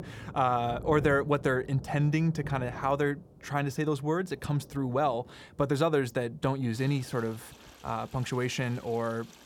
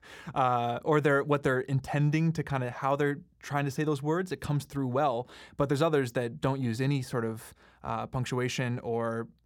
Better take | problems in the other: second | rain or running water; noticeable; throughout; 15 dB below the speech

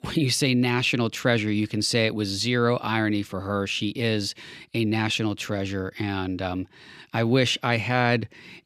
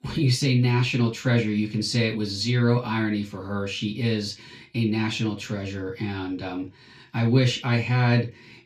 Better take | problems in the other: first | room echo; slight; dies away in 0.2 s // off-mic speech; far

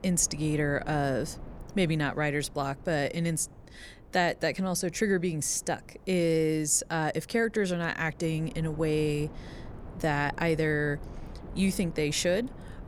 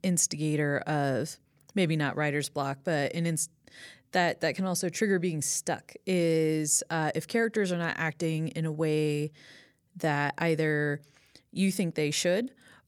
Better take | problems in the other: second | wind noise on the microphone; occasional gusts; 20 dB below the speech

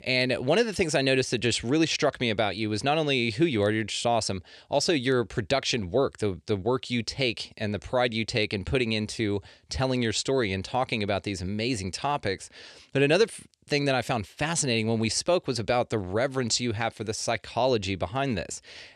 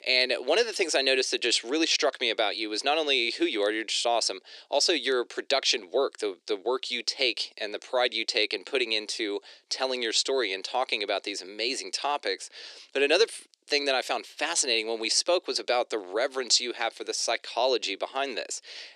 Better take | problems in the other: first | thin; somewhat; fading below 300 Hz

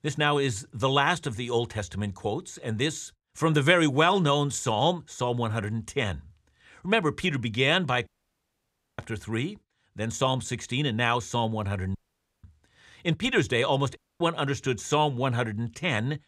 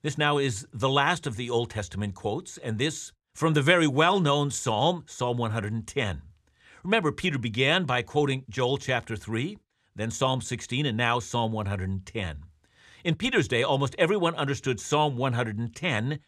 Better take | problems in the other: second | audio cutting out; at 8 s for 1 s, at 12 s and at 14 s

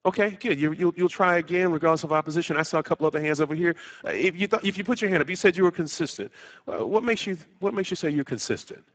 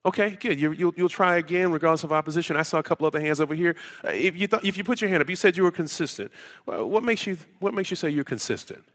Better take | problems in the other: second | garbled, watery; badly; nothing above 7.5 kHz; slightly in the second

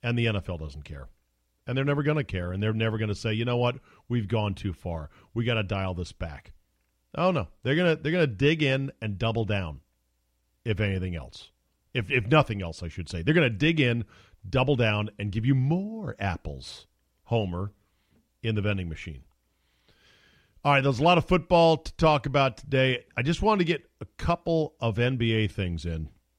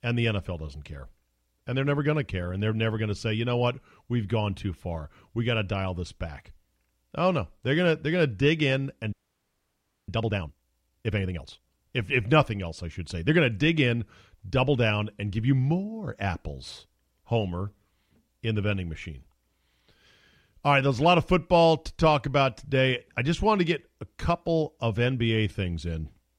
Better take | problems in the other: first | audio freezing; at 9 s for 1 s

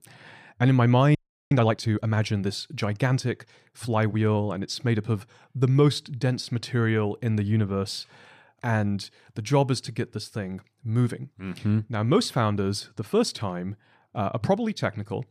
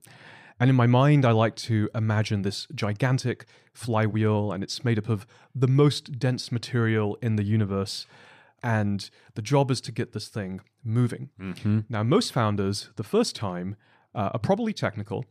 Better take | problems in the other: second | audio freezing; at 1 s

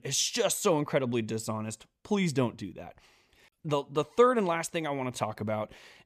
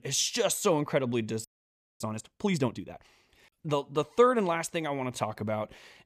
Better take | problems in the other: first | audio freezing; at 1.5 s for 0.5 s

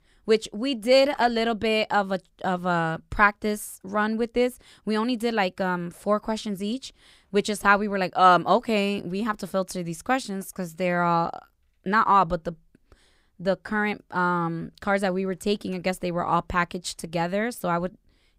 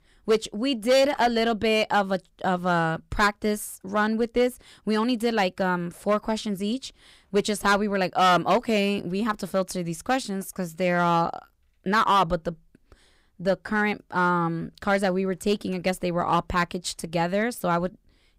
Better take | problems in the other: first | distortion; slight; 3% of the sound clipped

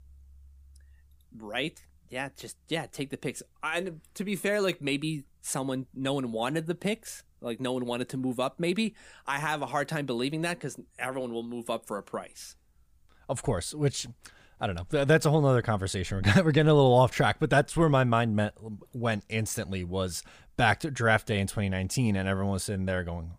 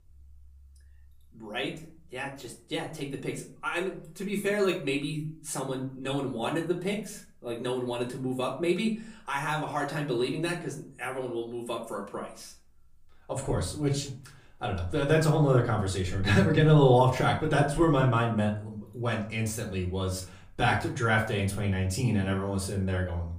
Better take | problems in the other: first | off-mic speech; far // room echo; slight; dies away in 0.4 s

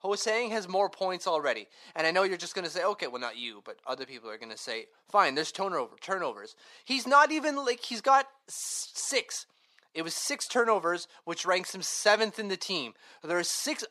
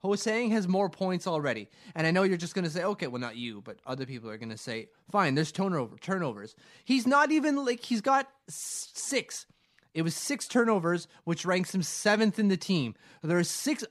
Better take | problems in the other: second | thin; very; fading below 500 Hz

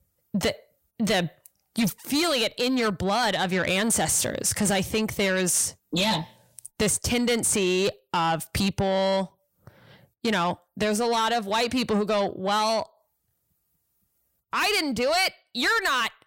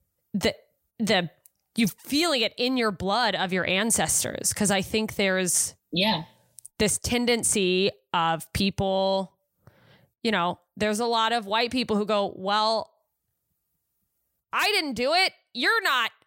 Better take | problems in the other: second | distortion; slight; 10 dB below the speech

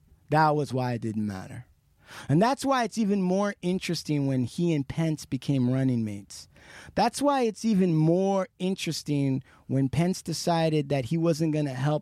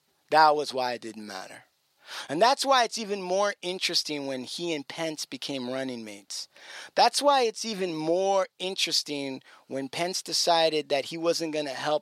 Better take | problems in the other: first | thin; very; fading below 550 Hz

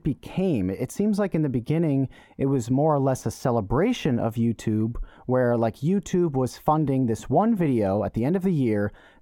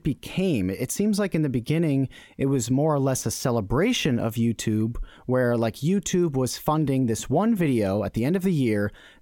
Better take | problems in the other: second | muffled; slightly; fading above 2 kHz

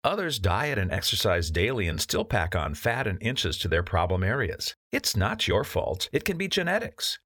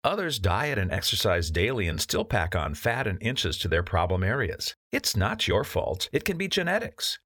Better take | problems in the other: neither | none

